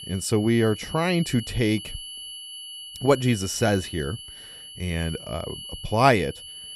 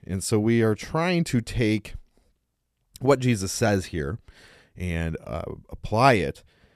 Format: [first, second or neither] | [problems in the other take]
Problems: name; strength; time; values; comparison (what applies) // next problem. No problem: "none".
second | high-pitched whine; noticeable; throughout; 3 kHz, 15 dB below the speech